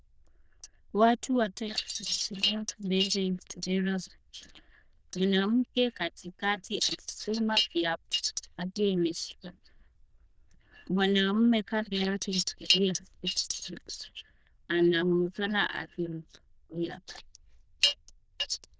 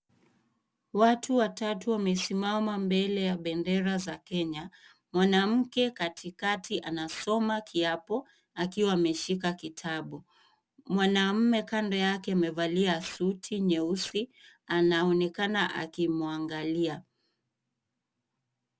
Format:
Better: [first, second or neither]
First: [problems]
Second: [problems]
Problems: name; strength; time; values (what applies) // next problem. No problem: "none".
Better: second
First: noise reduction (neural diffusion model UNIVERSE++)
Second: none